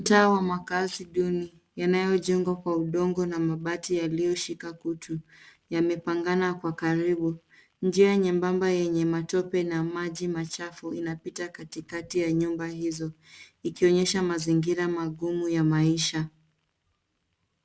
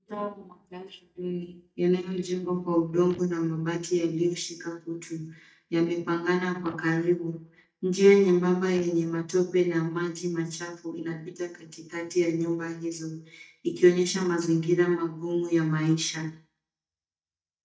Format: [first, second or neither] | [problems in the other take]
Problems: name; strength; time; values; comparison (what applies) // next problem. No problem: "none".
first | noise reduction (neural mask model DeepFilterNet 3)